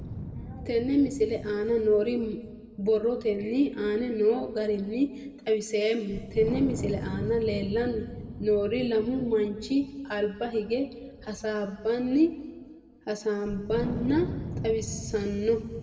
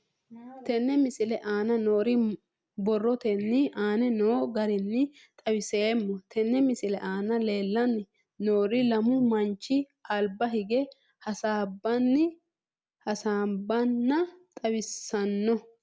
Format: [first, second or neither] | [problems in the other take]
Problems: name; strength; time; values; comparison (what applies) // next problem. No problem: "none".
second | background sound (Wind); 12 dB below the speech // room echo; dies away in 1.5 s